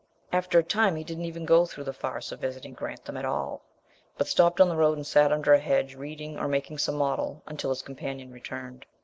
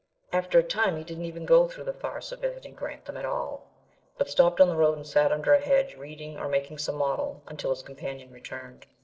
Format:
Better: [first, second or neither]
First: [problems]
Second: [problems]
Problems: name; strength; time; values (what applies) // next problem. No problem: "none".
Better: first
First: none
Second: noise reduction (neural separator model SepFormer DNS4)